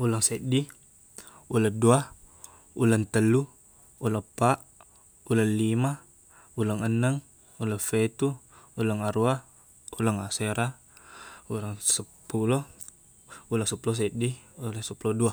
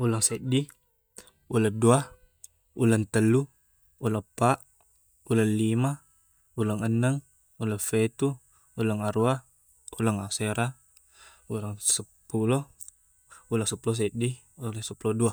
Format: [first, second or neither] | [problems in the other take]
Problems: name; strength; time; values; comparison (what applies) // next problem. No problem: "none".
first | noise reduction (neural mask model DeepFilterNet 3)